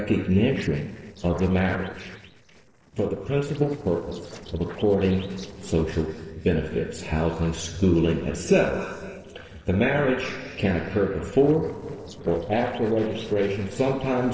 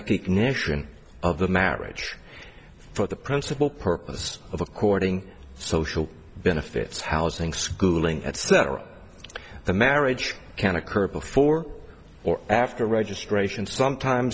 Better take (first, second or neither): second